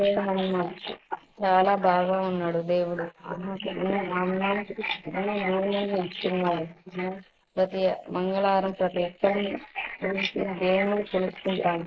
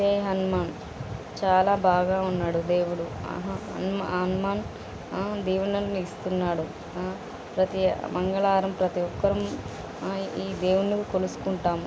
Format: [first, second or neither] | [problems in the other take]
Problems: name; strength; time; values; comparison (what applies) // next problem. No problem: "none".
second | noise reduction (neural mask model Resemble Enhance denoiser)